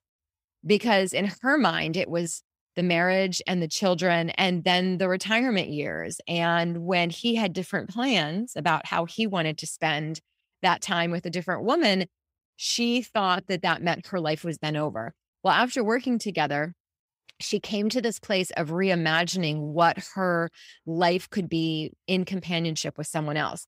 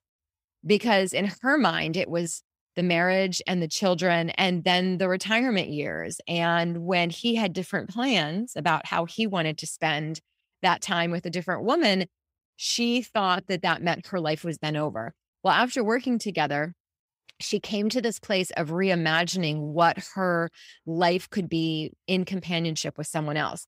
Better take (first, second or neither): neither